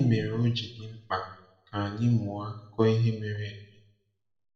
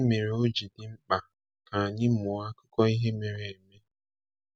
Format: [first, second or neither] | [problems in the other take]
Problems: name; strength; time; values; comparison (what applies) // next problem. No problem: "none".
second | room echo; dies away in 0.7 s